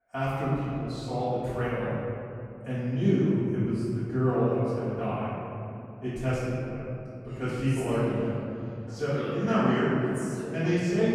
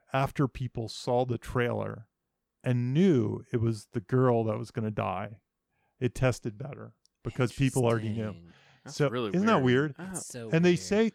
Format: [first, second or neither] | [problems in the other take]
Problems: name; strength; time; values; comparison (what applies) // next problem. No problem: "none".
second | off-mic speech; far // room echo; strong; dies away in 2.6 s